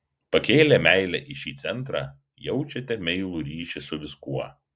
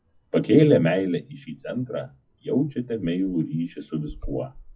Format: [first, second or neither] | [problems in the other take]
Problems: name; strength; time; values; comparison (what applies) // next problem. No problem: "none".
first | noise reduction (classical method WPE with log-MMSE)